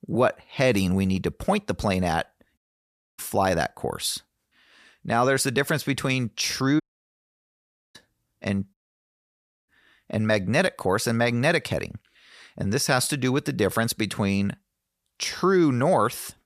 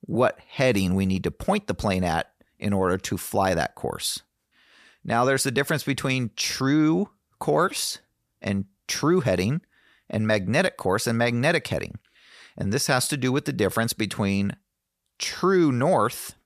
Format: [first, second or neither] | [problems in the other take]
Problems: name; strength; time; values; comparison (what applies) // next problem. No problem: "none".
second | audio cutting out; at 2.5 s for 0.5 s, at 7 s for 1 s and at 8.5 s for 1 s